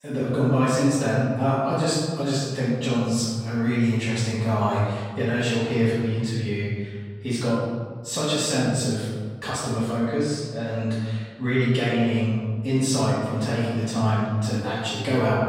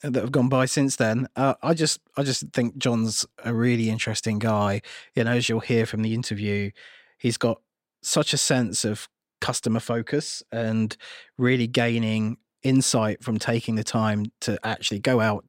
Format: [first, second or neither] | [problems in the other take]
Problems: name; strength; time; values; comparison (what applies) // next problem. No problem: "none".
second | off-mic speech; far // room echo; strong; dies away in 1.6 s